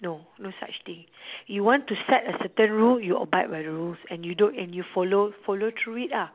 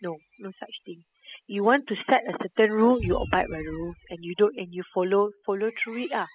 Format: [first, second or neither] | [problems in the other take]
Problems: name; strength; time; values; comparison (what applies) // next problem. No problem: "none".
first | noise reduction (classical method spectral subtraction)